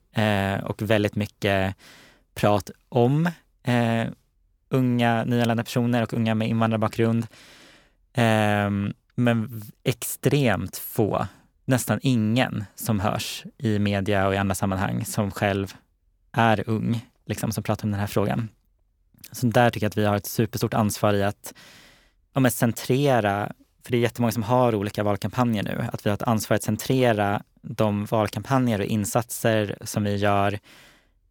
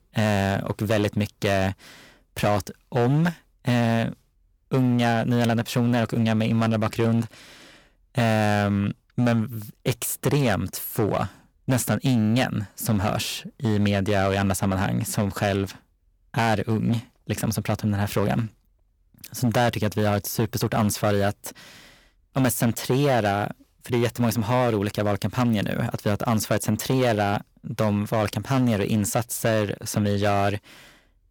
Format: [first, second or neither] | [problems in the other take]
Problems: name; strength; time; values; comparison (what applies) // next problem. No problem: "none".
first | distortion; slight; 8% of the sound clipped